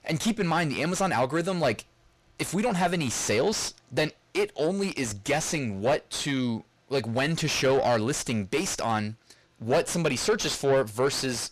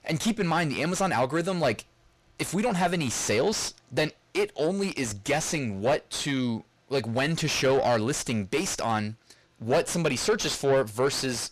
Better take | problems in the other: neither | distortion; heavy; 6 dB below the speech; the same in both

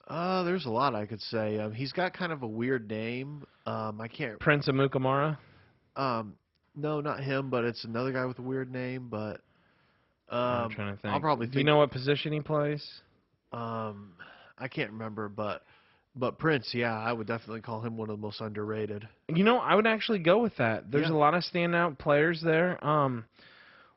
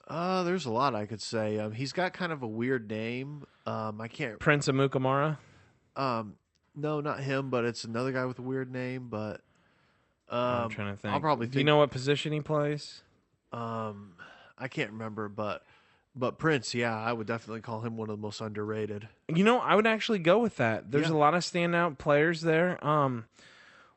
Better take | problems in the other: second | garbled, watery; badly; nothing above 5.5 kHz; slightly in the second

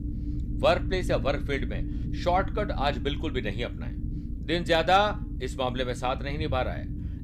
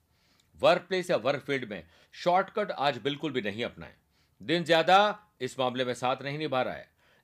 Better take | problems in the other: second | low rumble; noticeable; throughout; 15 dB below the speech

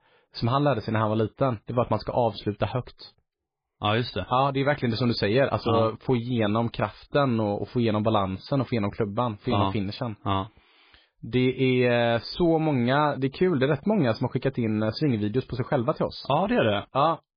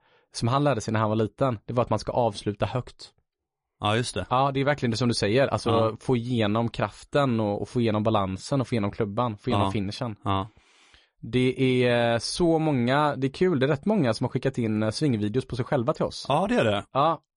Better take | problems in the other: second | garbled, watery; badly; slightly in the second

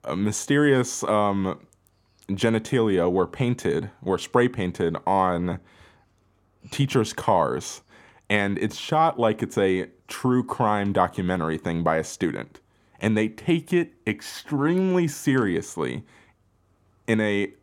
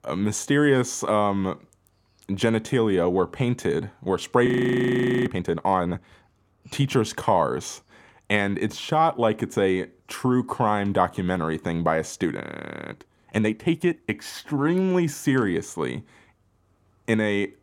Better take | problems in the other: first | audio freezing; at 4.5 s for 1 s and at 12 s for 0.5 s

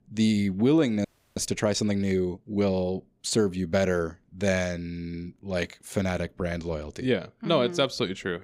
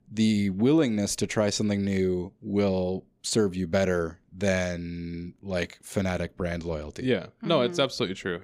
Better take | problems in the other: second | audio freezing; at 1 s

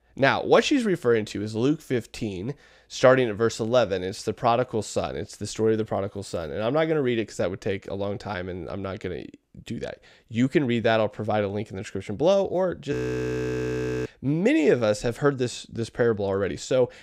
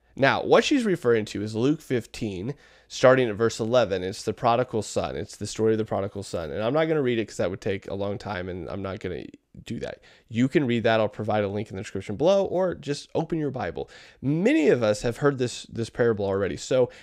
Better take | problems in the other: second | audio freezing; at 13 s for 1 s

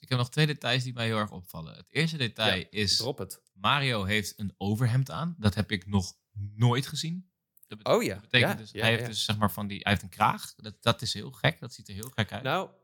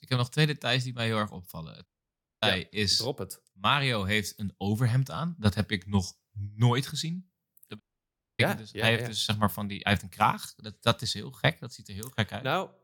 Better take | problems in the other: first | audio cutting out; at 2 s for 0.5 s and at 8 s for 0.5 s

